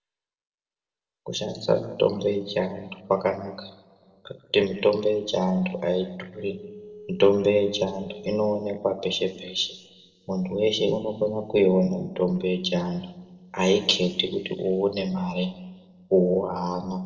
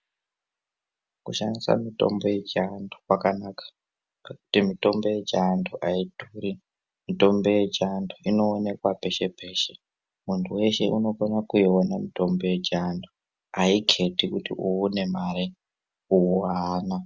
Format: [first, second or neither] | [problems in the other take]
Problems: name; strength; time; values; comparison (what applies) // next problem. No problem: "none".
second | noise reduction (neural separator model SepFormer DNS4)